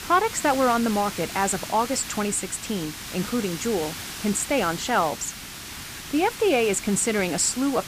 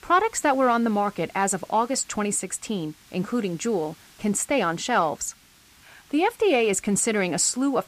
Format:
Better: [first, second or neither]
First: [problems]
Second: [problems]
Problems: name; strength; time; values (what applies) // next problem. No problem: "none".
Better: second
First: hiss; loud; throughout; 10 dB below the speech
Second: hiss; faint; throughout; 25 dB below the speech